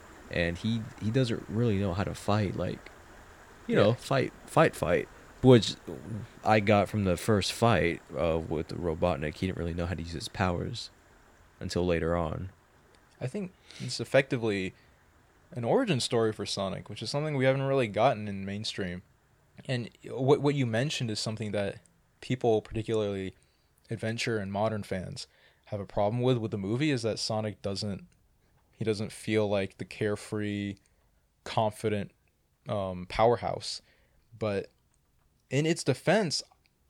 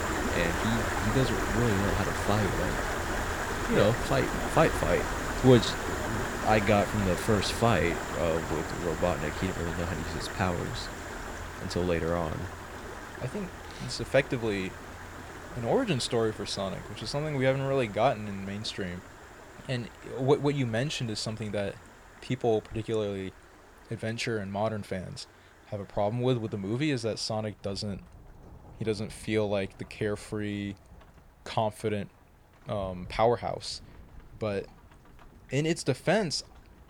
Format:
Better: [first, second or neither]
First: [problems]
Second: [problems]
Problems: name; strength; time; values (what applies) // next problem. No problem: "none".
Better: first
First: rain or running water; faint; throughout; 25 dB below the speech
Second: rain or running water; loud; throughout; 5 dB below the speech